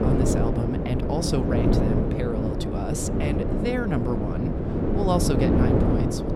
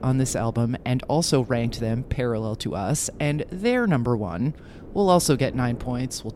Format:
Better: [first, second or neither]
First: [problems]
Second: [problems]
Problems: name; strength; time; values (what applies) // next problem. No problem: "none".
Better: second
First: wind noise on the microphone; heavy; 2 dB above the speech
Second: wind noise on the microphone; occasional gusts; 20 dB below the speech